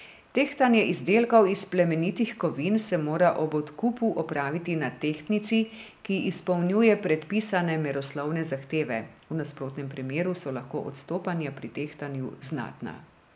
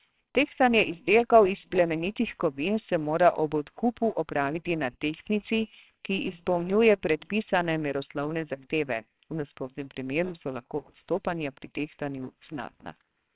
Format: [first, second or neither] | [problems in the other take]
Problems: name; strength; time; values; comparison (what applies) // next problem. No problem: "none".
first | noise reduction (neural separator model SepFormer WHAMR!)